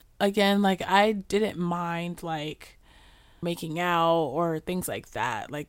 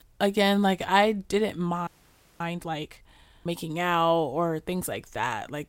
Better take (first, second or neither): first